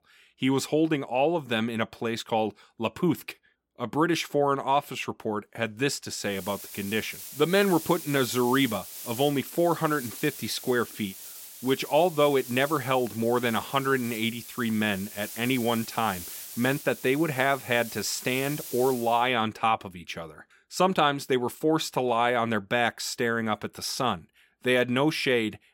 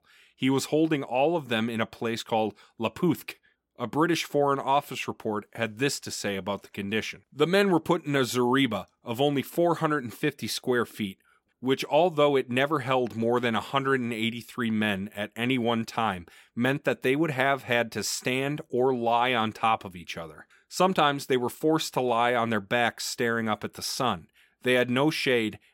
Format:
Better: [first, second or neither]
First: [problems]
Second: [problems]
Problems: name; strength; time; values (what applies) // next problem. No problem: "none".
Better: second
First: hiss; noticeable; from 6.5 to 19 s; 10 dB below the speech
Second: none